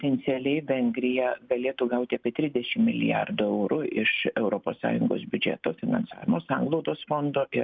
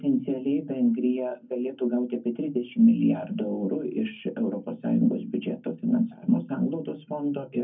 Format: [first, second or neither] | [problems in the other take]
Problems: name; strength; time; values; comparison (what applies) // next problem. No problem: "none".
first | room echo; dies away in 0.4 s